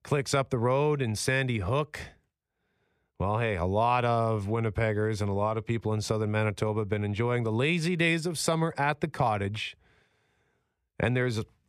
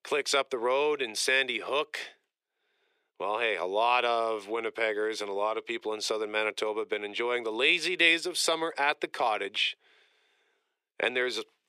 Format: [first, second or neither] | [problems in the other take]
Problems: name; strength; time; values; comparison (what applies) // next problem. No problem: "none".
first | thin; very; fading below 350 Hz